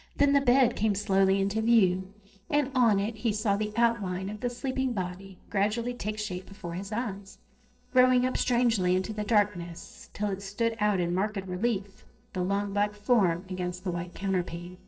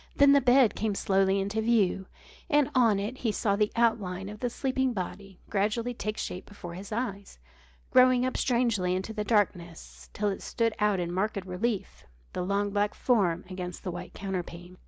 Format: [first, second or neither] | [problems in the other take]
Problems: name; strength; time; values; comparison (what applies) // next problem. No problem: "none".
second | noise reduction (neural separator model SepFormer DNS4)